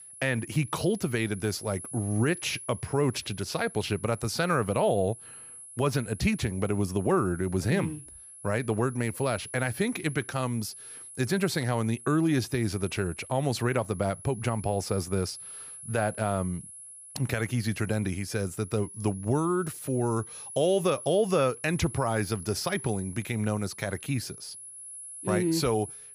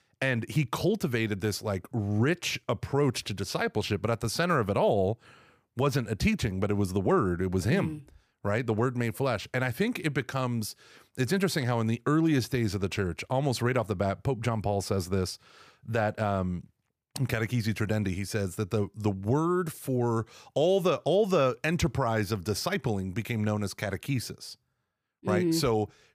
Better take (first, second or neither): second